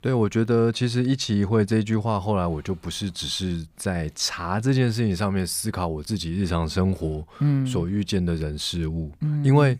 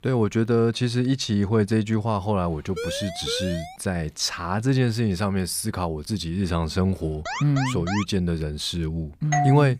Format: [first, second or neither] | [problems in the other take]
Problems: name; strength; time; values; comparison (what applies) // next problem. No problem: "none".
first | siren; noticeable; from 3 to 4 s; peak 7 dB below the speech // alarm; noticeable; at 7.5 s; peak 6 dB below the speech // doorbell; noticeable; at 9.5 s; peak 1 dB below the speech